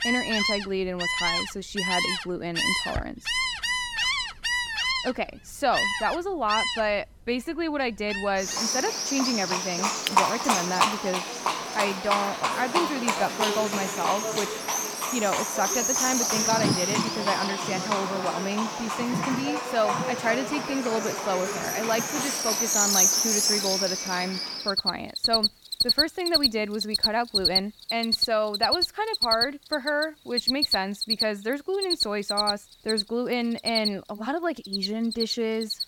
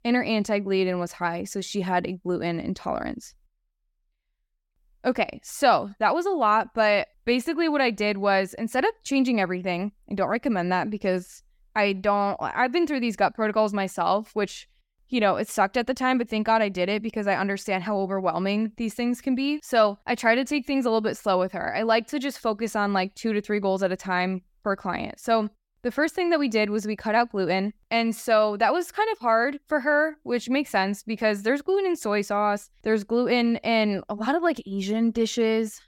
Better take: second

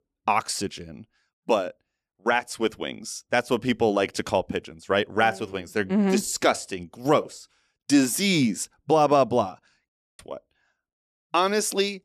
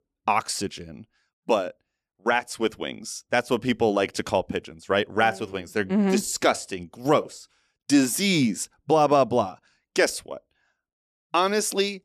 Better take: second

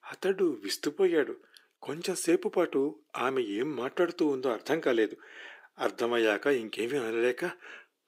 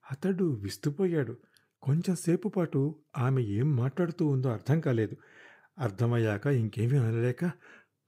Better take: second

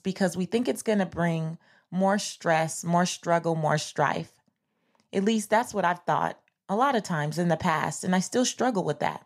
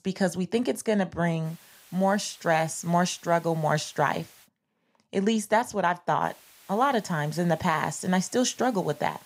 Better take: first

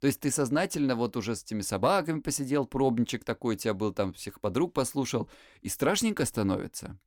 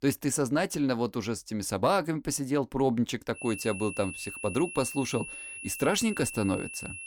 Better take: first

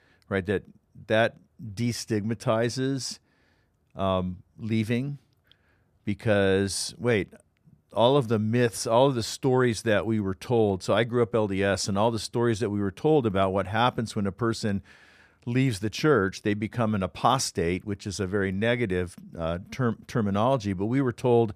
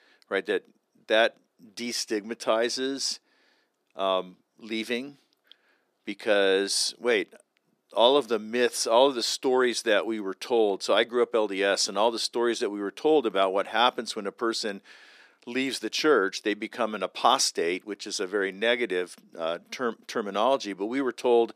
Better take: first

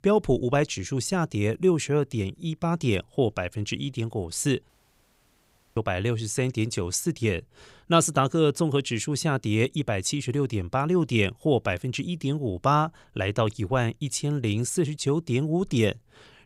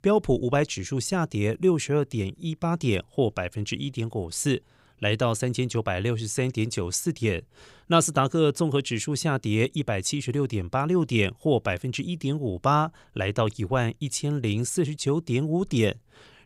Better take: second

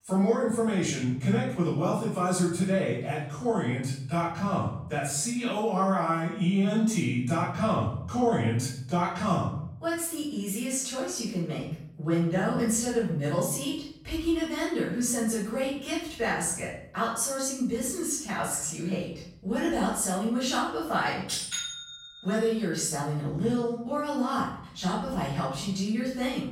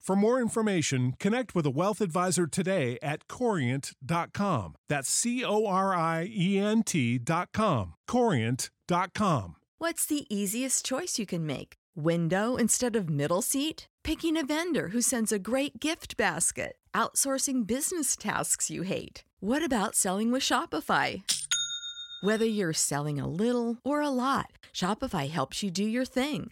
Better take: second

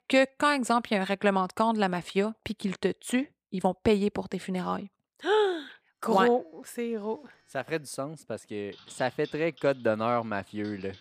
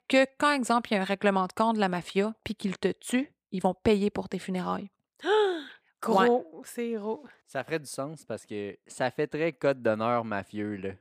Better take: second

